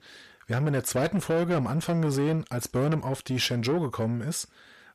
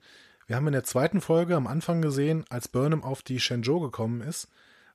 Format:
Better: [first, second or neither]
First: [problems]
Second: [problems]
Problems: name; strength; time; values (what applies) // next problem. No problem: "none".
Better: second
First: distortion; slight; 10 dB below the speech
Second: none